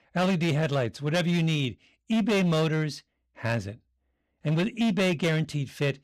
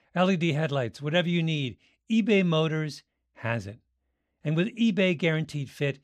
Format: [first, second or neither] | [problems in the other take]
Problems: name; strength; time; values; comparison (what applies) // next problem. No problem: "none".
second | distortion; slight; 14% of the sound clipped